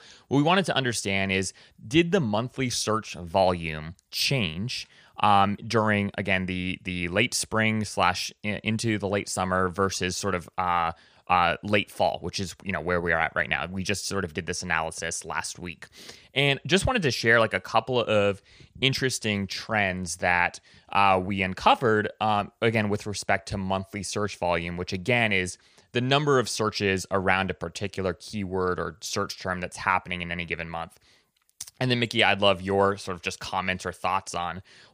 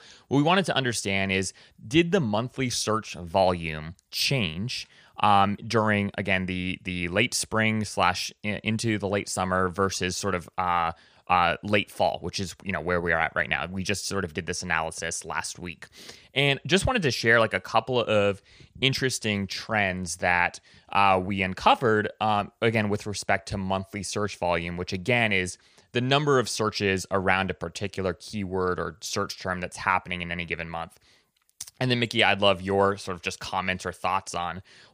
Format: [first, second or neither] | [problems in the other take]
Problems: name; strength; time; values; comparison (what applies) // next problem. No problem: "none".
neither | none